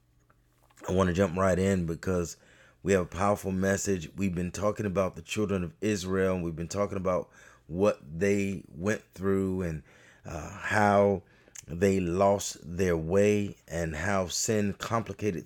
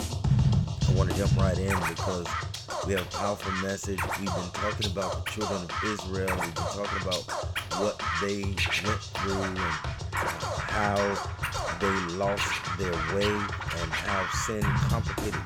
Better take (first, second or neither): first